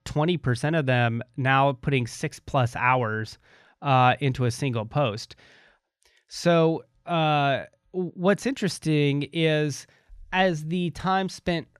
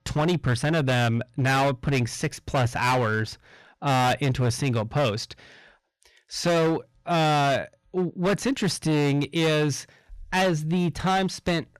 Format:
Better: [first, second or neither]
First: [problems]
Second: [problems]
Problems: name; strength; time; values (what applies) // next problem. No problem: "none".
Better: first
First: none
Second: distortion; heavy; 15% of the sound clipped